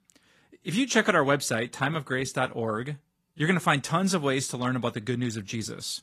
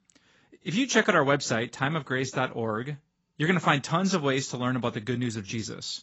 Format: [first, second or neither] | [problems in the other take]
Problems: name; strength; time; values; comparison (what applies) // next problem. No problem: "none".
first | garbled, watery; badly; nothing above 7.5 kHz; slightly in the first